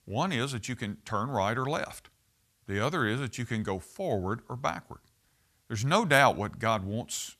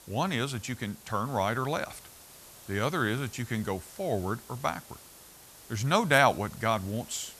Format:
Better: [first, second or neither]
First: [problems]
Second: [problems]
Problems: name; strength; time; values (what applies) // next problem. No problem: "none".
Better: first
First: none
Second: hiss; noticeable; throughout; 20 dB below the speech